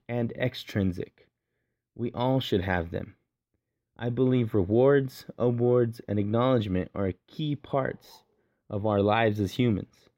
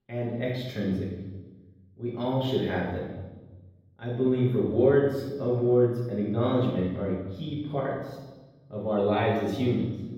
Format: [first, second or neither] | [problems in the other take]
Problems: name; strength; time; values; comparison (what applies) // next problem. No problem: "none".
first | off-mic speech; far // room echo; noticeable; dies away in 1.1 s